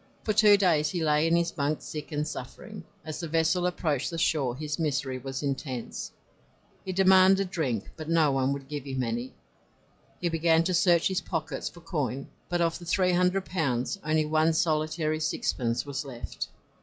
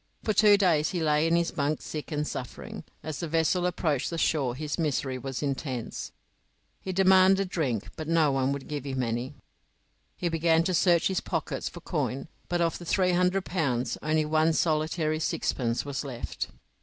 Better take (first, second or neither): second